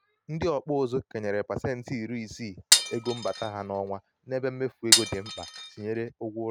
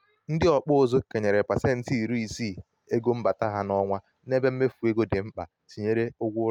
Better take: second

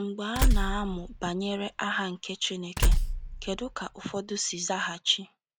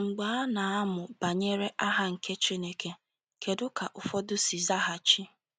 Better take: second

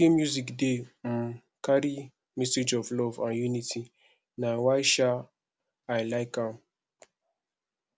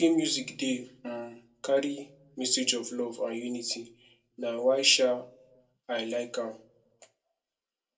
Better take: first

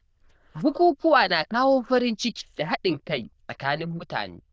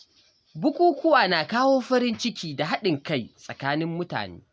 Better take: second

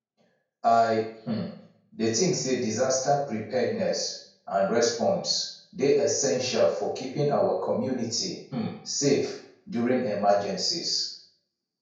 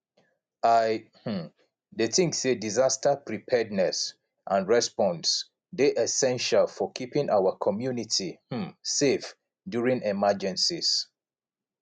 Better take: second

